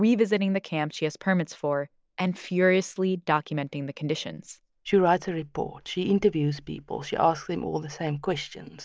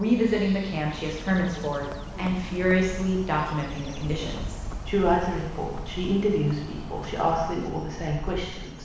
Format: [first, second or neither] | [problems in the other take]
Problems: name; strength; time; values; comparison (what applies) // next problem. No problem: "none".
first | background sound (Bird); 9 dB below the speech // room echo; dies away in 0.9 s